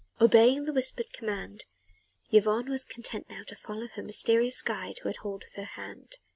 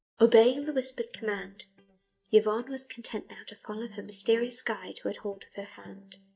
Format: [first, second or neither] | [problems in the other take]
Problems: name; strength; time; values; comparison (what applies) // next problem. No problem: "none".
first | noise reduction (neural mask model DeepFilterNet 3)